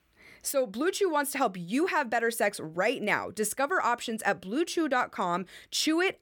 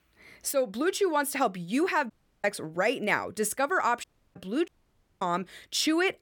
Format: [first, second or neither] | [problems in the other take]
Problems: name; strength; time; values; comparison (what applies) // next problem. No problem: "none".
first | audio cutting out; at 2 s, at 4 s and at 4.5 s for 0.5 s